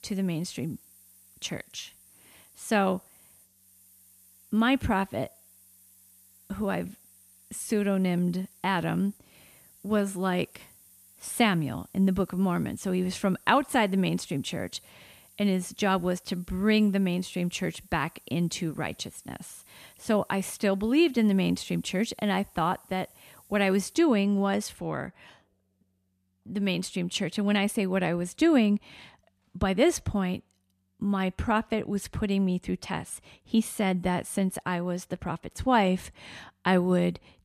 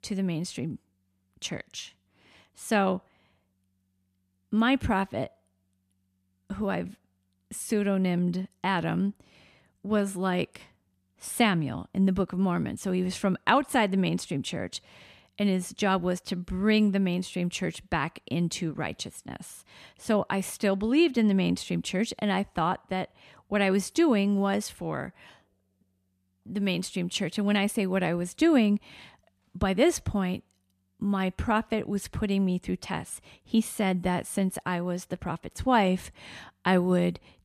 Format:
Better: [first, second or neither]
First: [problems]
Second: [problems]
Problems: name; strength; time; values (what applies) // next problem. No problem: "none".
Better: second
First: hiss; faint; until 24 s; 25 dB below the speech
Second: none